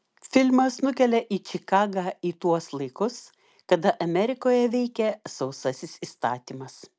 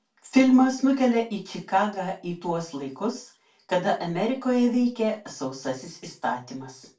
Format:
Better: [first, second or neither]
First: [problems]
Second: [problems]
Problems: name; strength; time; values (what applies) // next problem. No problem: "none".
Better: first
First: none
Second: room echo; dies away in 0.2 s